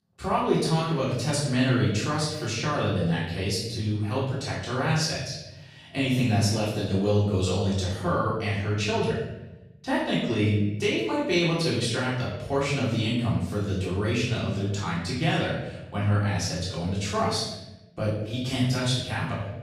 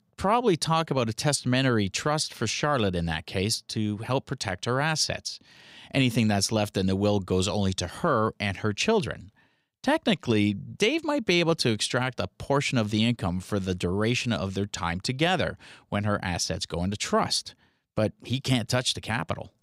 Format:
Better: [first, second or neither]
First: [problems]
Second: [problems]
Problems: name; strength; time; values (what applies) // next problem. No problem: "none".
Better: second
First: off-mic speech; far // room echo; noticeable; dies away in 1 s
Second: none